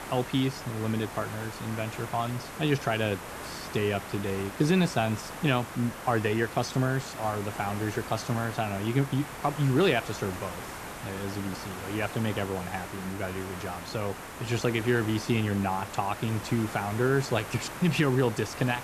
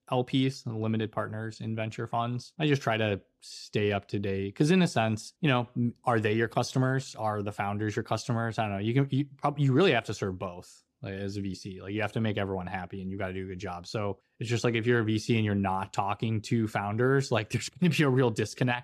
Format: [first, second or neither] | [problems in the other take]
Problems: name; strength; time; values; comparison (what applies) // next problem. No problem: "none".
second | hiss; loud; throughout; 10 dB below the speech